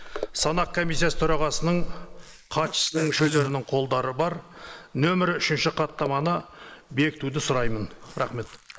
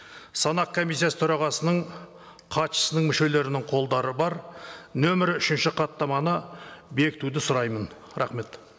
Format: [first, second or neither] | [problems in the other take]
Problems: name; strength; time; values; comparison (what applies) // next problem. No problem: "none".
second | noise reduction (neural mask model Resemble Enhance denoiser)